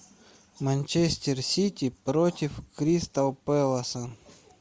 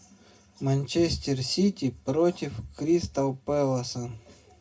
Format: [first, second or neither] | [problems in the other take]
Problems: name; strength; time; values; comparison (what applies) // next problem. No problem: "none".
first | room echo; dies away in 0.2 s